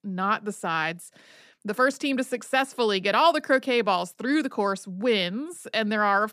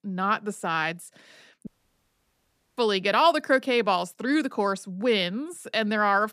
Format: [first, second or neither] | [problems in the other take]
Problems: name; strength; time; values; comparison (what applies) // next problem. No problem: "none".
first | audio cutting out; at 1.5 s for 1 s